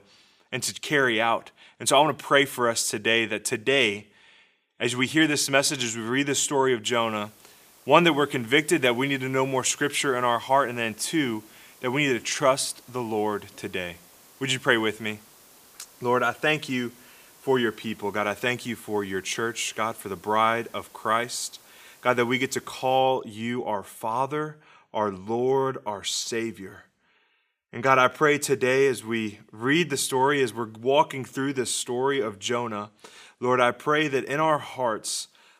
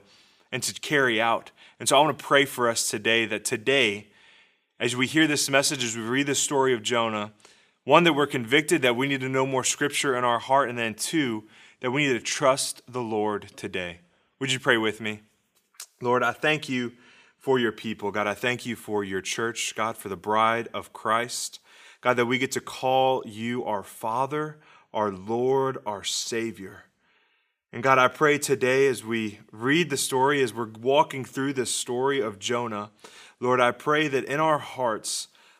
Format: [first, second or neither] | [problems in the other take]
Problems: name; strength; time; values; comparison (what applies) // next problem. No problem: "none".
second | hiss; faint; from 7 to 23 s; 25 dB below the speech